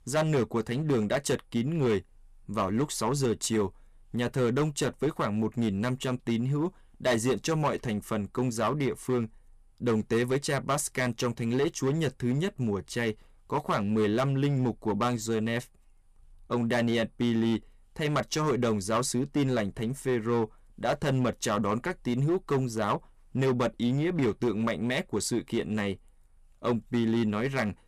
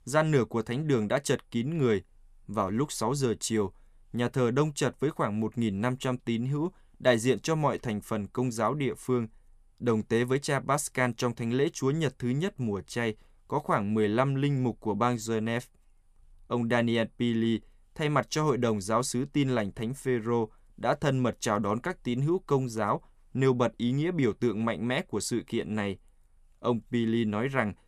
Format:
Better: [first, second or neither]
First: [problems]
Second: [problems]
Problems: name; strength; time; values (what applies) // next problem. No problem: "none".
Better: second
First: distortion; slight; 9% of the sound clipped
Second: none